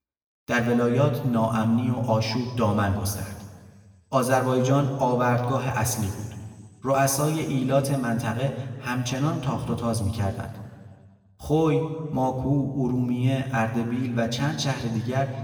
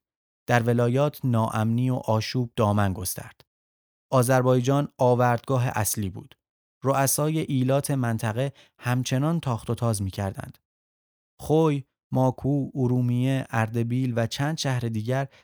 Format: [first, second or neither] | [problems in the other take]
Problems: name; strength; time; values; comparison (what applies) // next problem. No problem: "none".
second | room echo; slight; dies away in 1.5 s // off-mic speech; somewhat distant